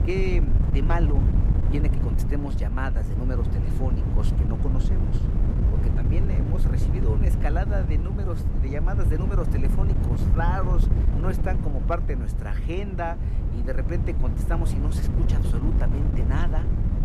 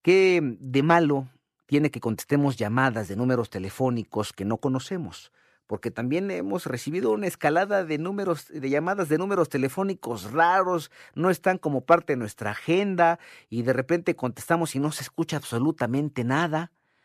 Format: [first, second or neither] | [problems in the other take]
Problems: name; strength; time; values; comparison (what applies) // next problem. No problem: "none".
second | wind noise on the microphone; heavy; 3 dB below the speech